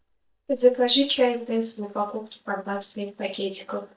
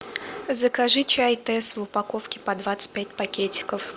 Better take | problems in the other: second | noise reduction (neural mask model DeepFilterNet 3)

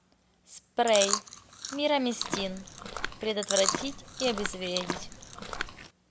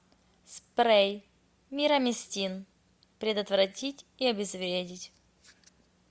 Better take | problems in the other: second | background sound (Walk, footsteps + Chewing, mastication); 3 dB below the speech

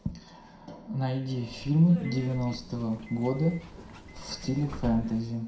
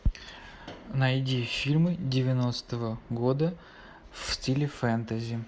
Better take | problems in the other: second | background sound (Subway, metro, underground); 14 dB below the speech // room echo; dies away in 0.5 s

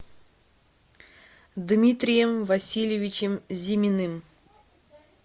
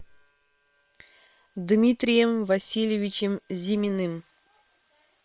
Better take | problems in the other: first | noise reduction (neural separator model SepFormer WHAM!)

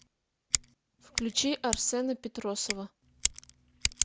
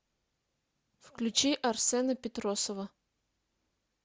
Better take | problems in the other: second | background sound (Scissors); 1 dB below the speech

